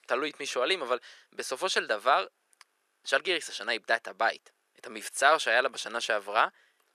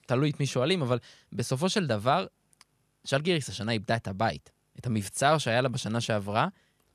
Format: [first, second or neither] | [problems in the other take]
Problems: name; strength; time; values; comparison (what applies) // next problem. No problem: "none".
second | thin; very; fading below 350 Hz